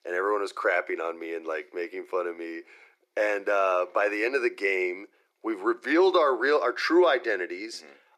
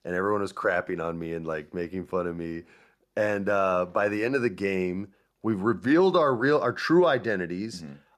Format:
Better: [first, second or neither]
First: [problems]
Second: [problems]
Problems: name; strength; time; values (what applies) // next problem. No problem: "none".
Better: second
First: thin; very; fading below 350 Hz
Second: none